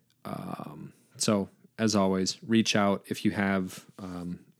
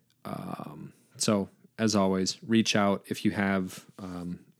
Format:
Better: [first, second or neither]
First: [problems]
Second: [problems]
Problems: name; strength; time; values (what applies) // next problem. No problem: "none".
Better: neither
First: none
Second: none